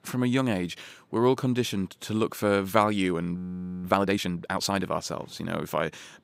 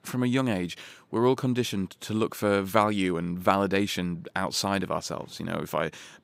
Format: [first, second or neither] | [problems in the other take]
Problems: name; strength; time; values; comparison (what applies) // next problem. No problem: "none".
second | audio freezing; at 3.5 s